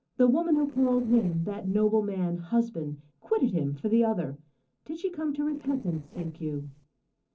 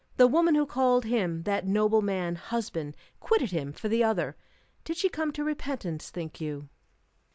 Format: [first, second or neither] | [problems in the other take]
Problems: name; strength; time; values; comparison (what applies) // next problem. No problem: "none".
second | noise reduction (neural separator model SepFormer DNS4)